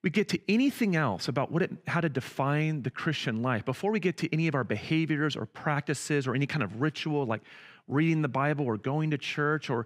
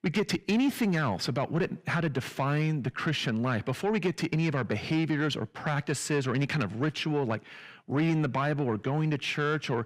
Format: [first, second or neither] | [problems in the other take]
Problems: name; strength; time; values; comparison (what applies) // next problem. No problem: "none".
first | distortion; slight; 10 dB below the speech